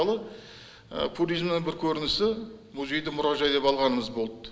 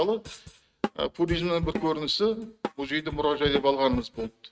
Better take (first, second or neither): first